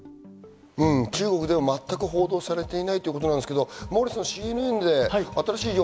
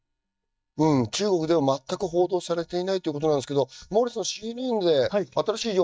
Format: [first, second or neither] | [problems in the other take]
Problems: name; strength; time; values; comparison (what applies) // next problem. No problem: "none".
first | noise reduction (neural mask model DeepFilterNet 3)